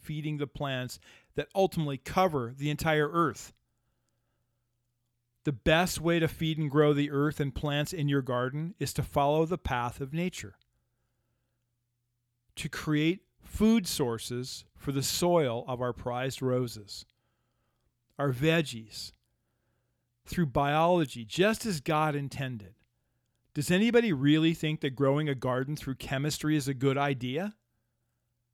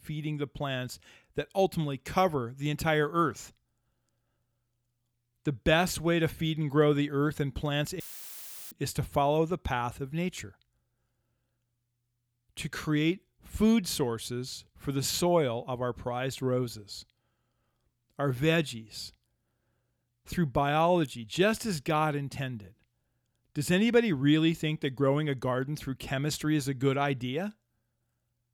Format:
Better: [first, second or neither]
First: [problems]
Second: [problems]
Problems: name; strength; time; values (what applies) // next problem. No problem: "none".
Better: first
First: none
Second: audio cutting out; filled with static; at 8 s for 0.5 s